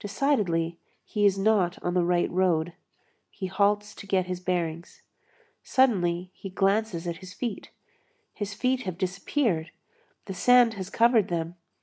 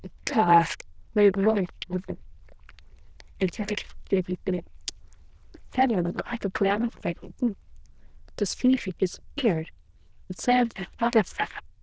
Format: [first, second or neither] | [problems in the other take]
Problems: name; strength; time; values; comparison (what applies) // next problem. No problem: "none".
first | noise reduction (neural diffusion model UNIVERSE++)